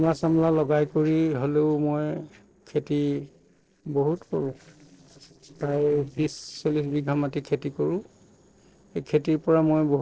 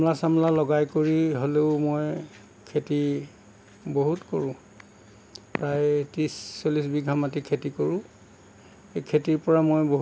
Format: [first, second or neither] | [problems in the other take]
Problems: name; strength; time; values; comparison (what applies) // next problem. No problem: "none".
second | noise reduction (neural separator model SepFormer DNS4)